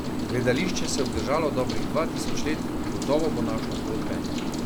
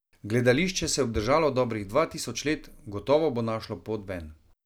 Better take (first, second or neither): second